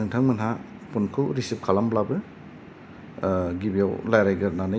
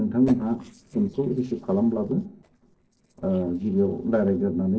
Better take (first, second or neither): first